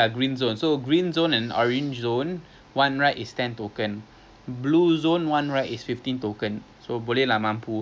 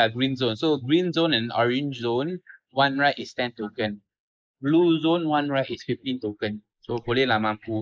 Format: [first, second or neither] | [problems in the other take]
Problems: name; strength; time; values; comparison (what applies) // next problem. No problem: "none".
first | noise reduction (neural mask model Resemble Enhance denoiser)